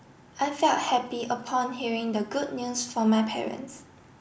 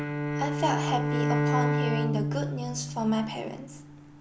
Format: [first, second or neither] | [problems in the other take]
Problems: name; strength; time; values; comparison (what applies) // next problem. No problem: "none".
first | background sound (Bowed string instrument); 3 dB above the speech